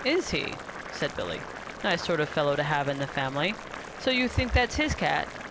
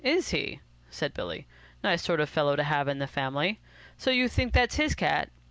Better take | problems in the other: second | background sound (Boiling); 11 dB below the speech

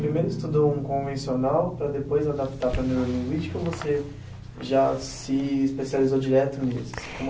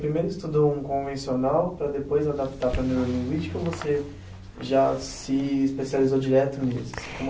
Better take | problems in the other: second | background sound (Guitar); 12 dB below the speech

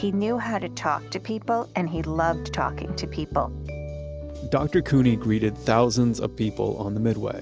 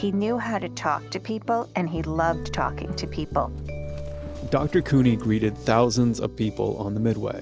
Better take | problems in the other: first | background sound (Livestock, farm animals, working animals); 17 dB below the speech

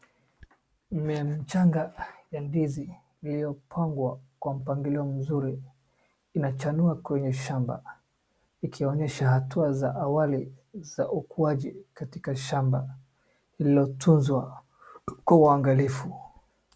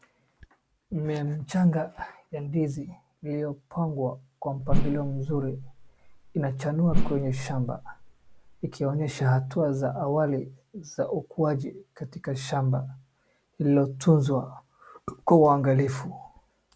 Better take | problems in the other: first | background sound (Whoosh, swoosh, swish); as loud as the speech

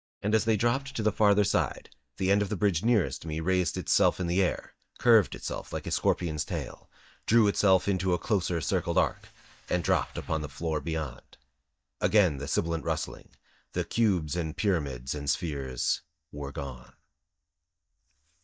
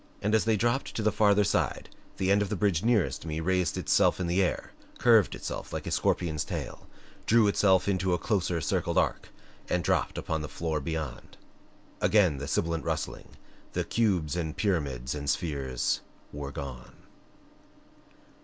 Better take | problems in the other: second | noise reduction (neural mask model DeepFilterNet 3)

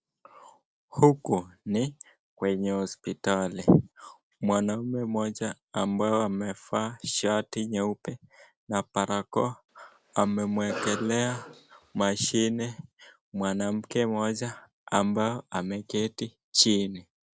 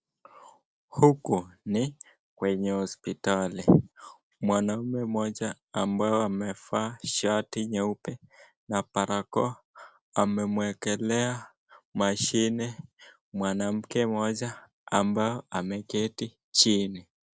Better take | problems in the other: second | background sound (Cough); 12 dB below the speech

